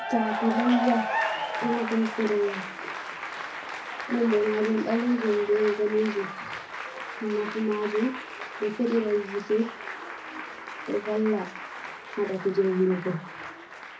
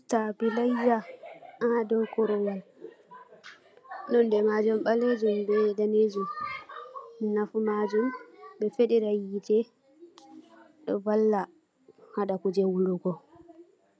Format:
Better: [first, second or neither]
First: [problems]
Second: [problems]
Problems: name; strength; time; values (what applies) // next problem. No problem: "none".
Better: second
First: background sound (Applause / Cheering); 7 dB below the speech // room echo; dies away in 0.4 s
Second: none